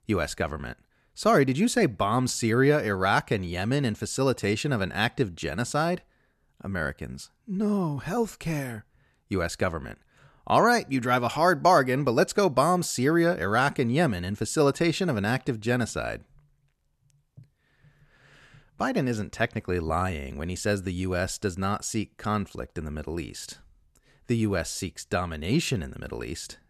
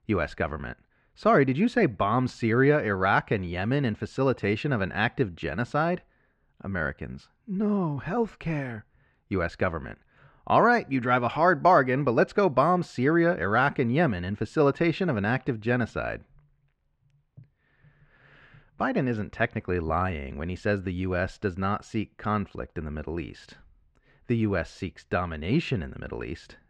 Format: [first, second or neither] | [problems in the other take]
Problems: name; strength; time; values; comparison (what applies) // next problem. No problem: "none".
first | muffled; slightly; fading above 2.5 kHz